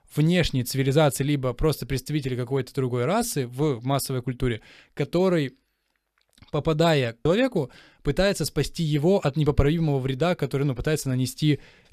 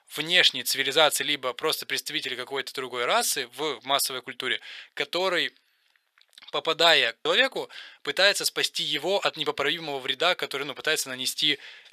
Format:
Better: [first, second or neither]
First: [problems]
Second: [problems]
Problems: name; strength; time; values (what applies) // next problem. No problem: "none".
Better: first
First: none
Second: thin; very; fading below 700 Hz